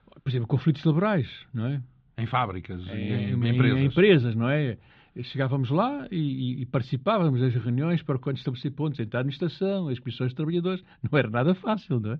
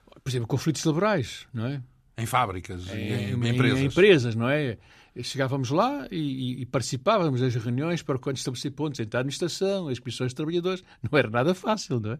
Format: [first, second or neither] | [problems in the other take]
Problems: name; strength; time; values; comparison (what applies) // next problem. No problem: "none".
second | muffled; slightly; fading above 3.5 kHz